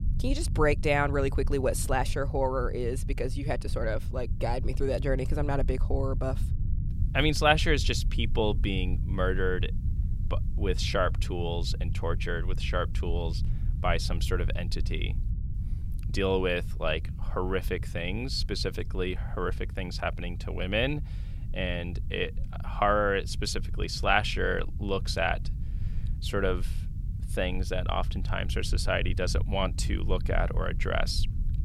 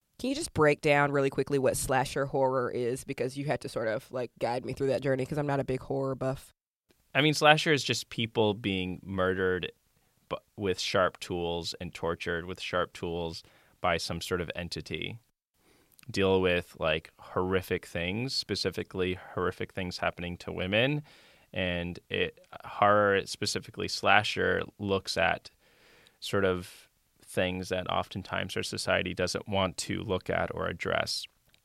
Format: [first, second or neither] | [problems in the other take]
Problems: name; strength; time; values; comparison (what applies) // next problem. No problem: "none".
second | low rumble; noticeable; throughout; 20 dB below the speech